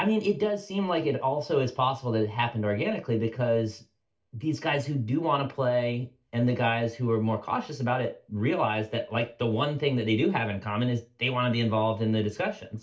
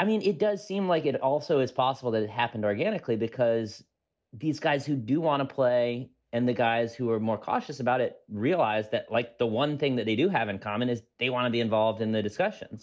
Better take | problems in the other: second | room echo; dies away in 0.2 s

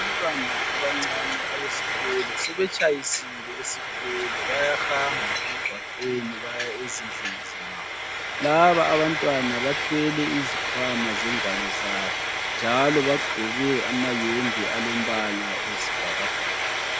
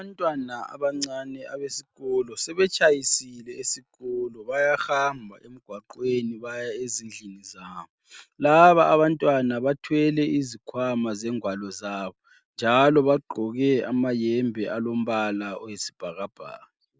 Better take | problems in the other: second | background sound (Frying (food)); as loud as the speech

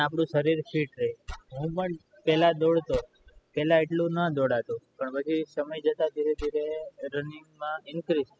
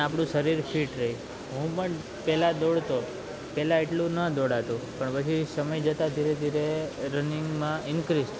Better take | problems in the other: second | noise reduction (classical method spectral subtraction)

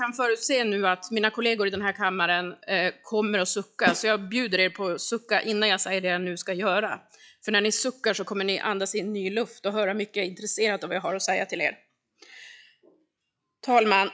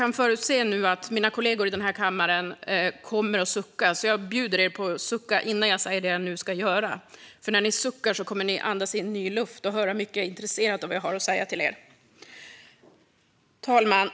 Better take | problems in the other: second | noise reduction (classical method log-MMSE)

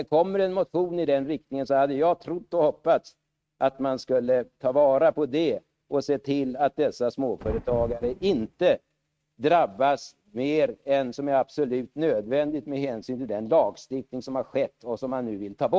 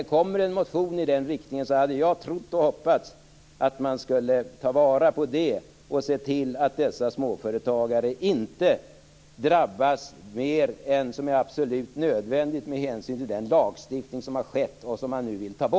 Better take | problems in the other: second | noise reduction (neural mask model RNNoise)

